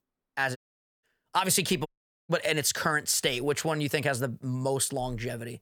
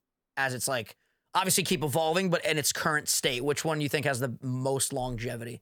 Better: second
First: audio cutting out; at 0.5 s and at 2 s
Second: none

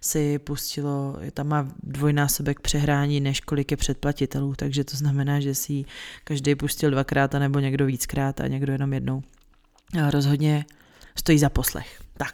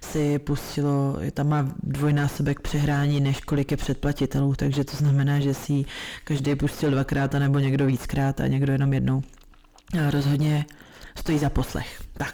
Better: first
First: none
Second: distortion; heavy; 6 dB below the speech

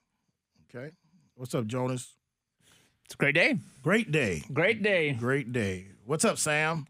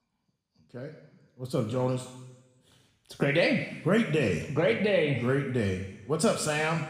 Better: first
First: none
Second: room echo; slight; dies away in 1.1 s

